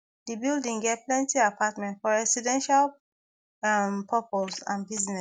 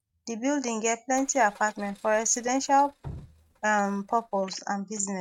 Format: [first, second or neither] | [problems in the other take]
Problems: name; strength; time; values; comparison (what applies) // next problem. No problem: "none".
first | noise reduction (neural mask model RNNoise)